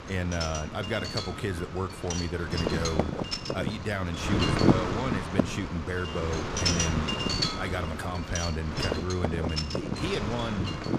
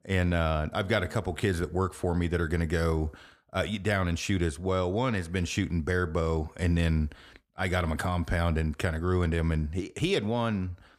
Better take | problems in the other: second | wind noise on the microphone; heavy; 3 dB above the speech

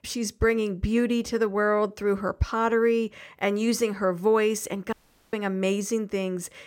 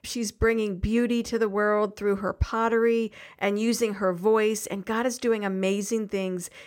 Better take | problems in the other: second | audio cutting out; at 5 s

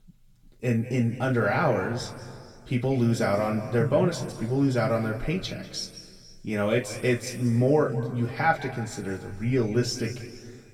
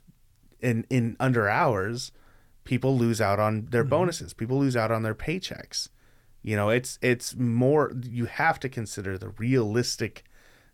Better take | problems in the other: second | room echo; noticeable; dies away in 1.8 s // off-mic speech; far

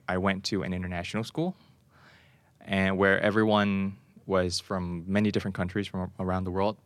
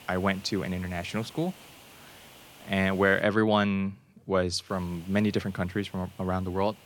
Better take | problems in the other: first | hiss; faint; until 3 s and from 4.5 s on; 20 dB below the speech

